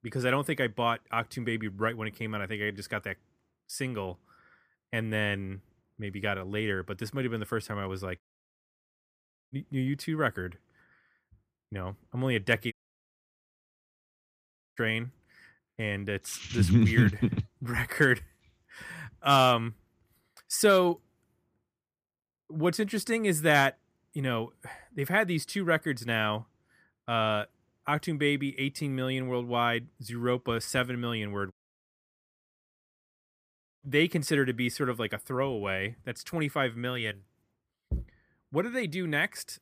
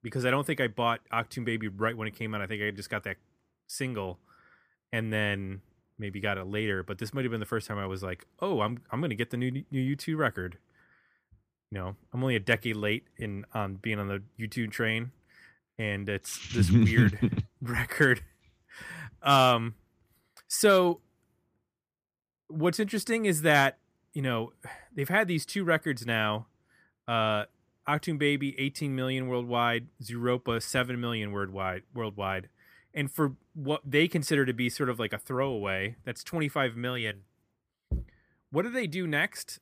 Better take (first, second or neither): second